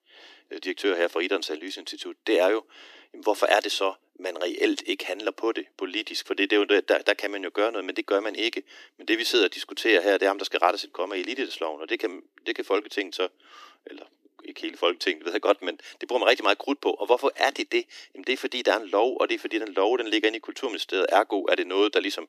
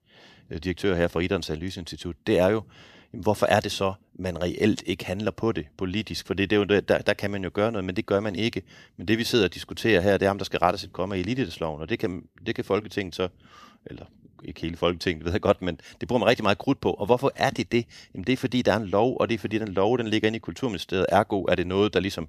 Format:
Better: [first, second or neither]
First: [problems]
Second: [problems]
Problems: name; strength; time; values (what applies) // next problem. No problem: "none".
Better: second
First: thin; somewhat; fading below 300 Hz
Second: none